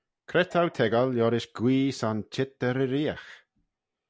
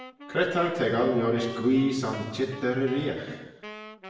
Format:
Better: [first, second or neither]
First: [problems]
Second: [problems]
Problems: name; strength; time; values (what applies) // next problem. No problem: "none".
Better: first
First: none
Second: background sound (Wind instrument, woodwind instrument); 16 dB below the speech // room echo; dies away in 1.1 s